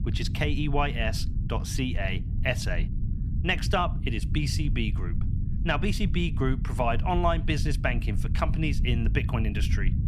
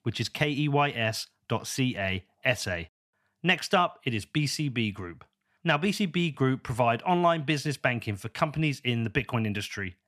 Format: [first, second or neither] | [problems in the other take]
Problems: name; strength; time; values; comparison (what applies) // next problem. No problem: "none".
second | low rumble; noticeable; throughout; 15 dB below the speech